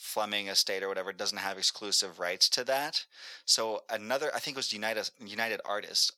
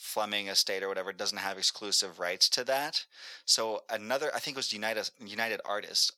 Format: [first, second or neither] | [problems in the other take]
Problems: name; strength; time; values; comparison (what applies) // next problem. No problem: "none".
neither | thin; very; fading below 600 Hz; the same in both